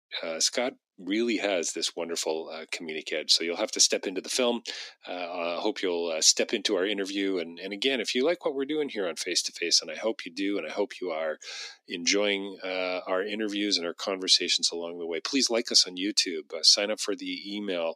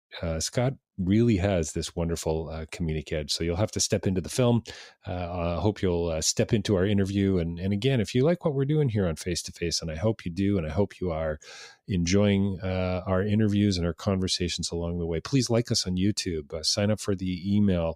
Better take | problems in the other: second | thin; somewhat; fading below 250 Hz

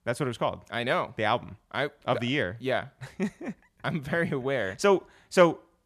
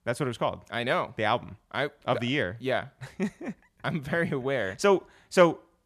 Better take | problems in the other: neither | none

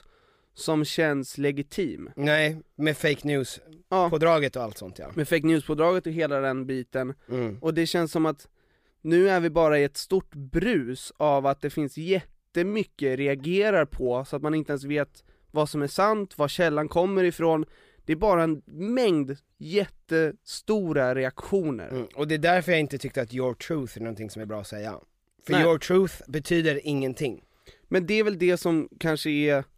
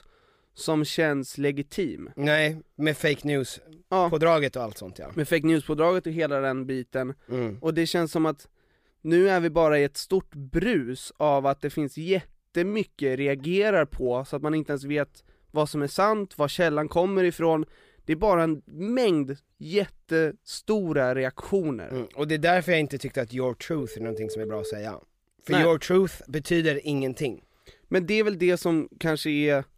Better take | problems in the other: first | phone ringing; noticeable; at 24 s; peak 8 dB below the speech

